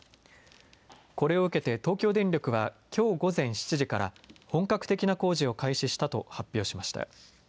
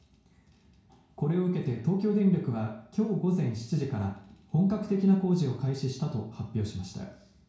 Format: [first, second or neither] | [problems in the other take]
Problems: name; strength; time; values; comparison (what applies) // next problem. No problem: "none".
first | room echo; dies away in 0.6 s